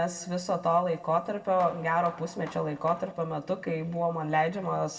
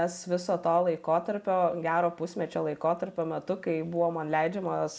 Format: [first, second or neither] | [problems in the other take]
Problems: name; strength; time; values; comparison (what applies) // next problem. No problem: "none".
second | background sound (Hammer); 19 dB below the speech // room echo; dies away in 1.6 s